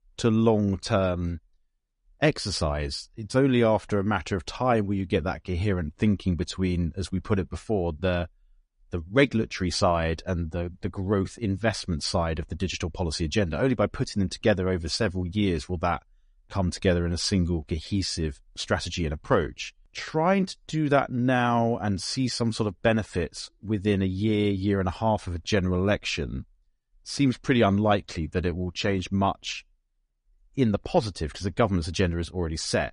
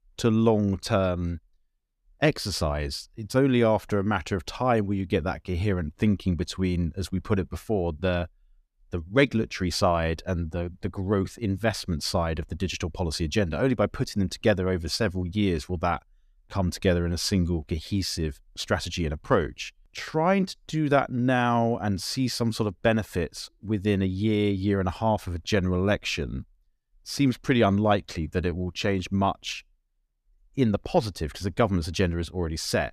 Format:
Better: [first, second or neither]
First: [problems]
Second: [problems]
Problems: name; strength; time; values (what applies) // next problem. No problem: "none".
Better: second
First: garbled, watery; slightly; nothing above 10.5 kHz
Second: none